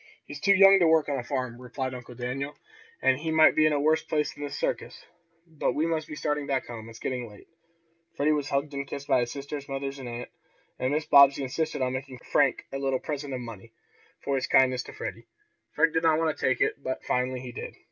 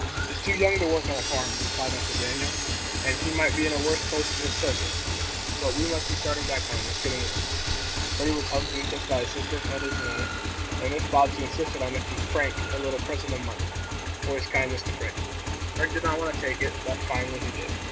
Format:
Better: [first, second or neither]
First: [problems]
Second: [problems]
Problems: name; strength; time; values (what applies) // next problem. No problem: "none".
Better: first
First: none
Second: background sound (Sawing + Motorcycle / Engine); 1 dB above the speech